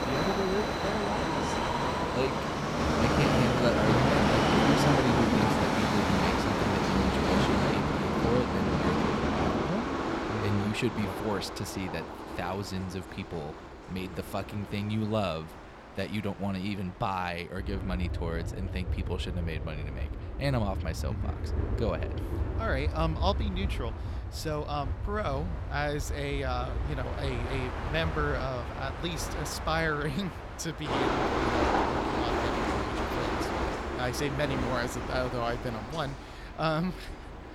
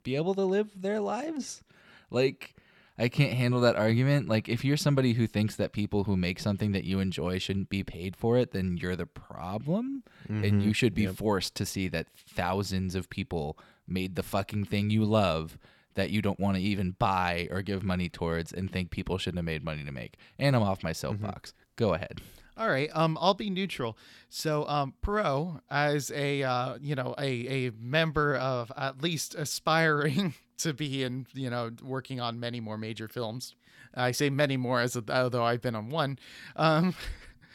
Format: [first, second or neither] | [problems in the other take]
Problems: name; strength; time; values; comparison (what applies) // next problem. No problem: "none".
second | train or aircraft noise; very loud; throughout; 3 dB above the speech